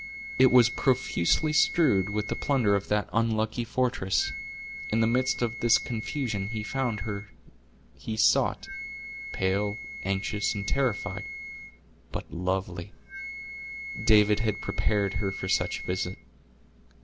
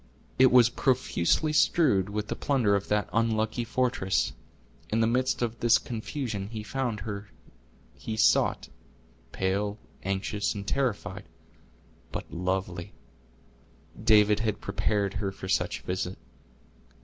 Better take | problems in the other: second | background sound (Wind instrument, woodwind instrument); 12 dB below the speech

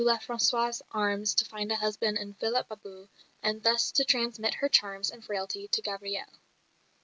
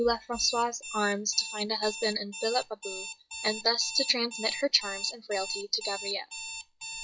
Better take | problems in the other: first | noise reduction (classical method log-MMSE)

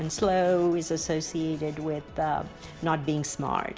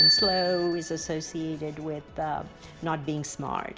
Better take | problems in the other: first | background sound (Bicycle bell); as loud as the speech

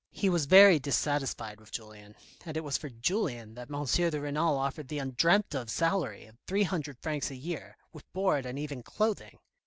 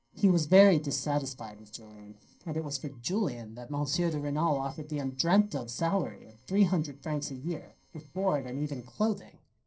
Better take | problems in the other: first | noise reduction (neural separator model SepFormer DNS4)

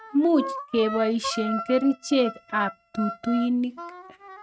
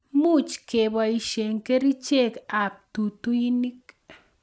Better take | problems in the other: second | noise reduction (neural mask model RNNoise)

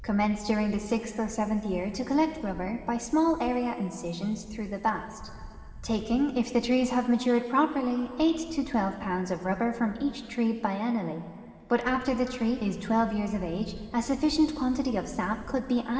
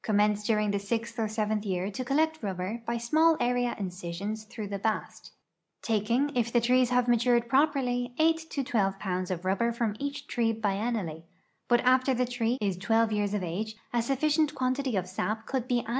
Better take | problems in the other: second | background sound (Camera); 18 dB below the speech // room echo; dies away in 2.7 s

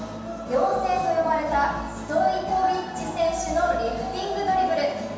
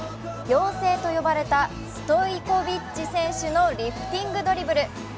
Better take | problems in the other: second | room echo; dies away in 1.2 s

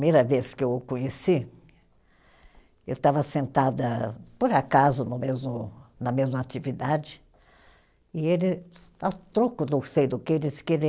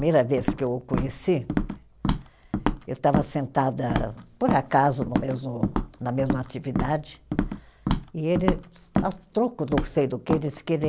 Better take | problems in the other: first | background sound (Walk, footsteps); 3 dB below the speech

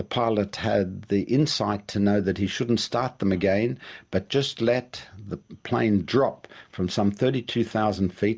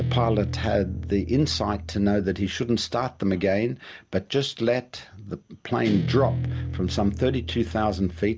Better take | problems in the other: first | background sound (Guitar); 7 dB below the speech

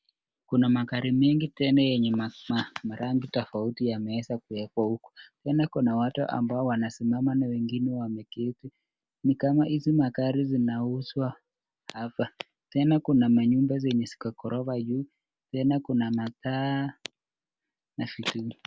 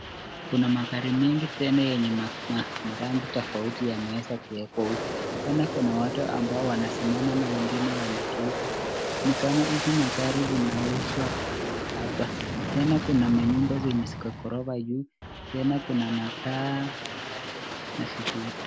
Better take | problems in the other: first | background sound (Aircraft); 5 dB below the speech

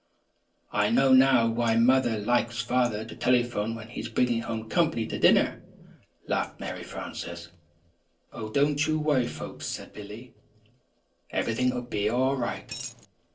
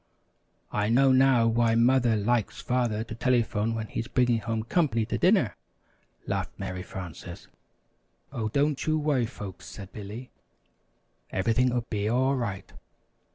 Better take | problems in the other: second | noise reduction (neural separator model SepFormer DNS4)

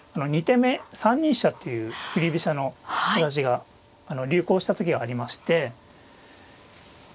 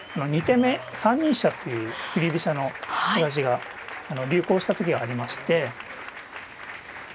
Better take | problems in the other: first | background sound (Applause); 12 dB below the speech

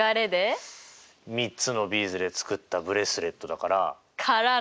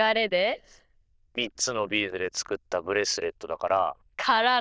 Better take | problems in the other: first | noise reduction (neural diffusion model UNIVERSE++)

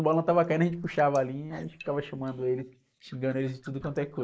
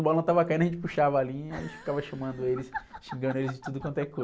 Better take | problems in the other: second | noise reduction (neural mask model Resemble Enhance denoiser)

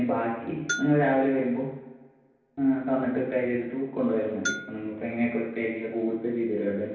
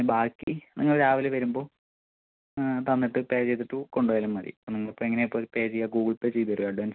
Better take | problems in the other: second | background sound (Bell); 12 dB below the speech // room echo; dies away in 0.9 s

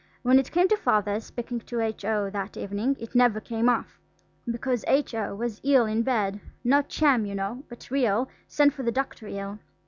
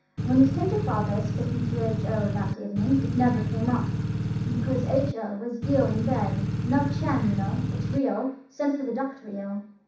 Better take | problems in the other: first | background sound (Engine / Truck / Car); as loud as the speech // room echo; dies away in 0.7 s

